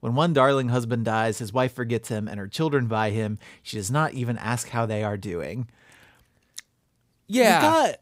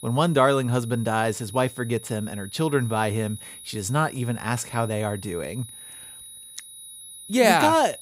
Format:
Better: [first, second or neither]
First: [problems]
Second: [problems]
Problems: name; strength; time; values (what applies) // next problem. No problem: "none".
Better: first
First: none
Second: high-pitched whine; noticeable; throughout; 10.5 kHz, 15 dB below the speech